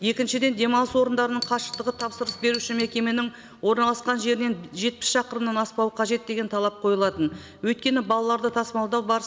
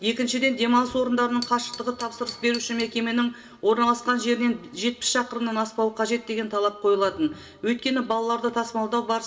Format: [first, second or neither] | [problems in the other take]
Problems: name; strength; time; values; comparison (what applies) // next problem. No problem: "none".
first | room echo; dies away in 0.2 s